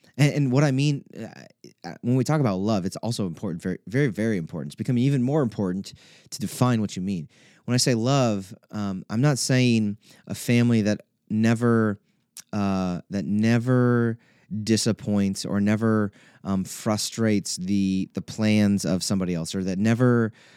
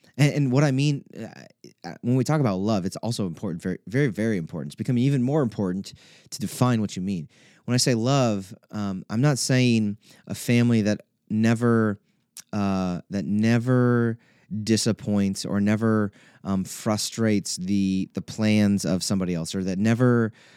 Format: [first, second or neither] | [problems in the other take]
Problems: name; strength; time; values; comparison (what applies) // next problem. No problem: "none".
neither | none